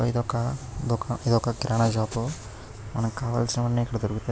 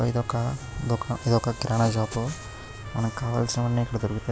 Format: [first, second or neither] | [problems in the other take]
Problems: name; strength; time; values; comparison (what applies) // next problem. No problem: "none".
first | background sound (Trumpet); 20 dB below the speech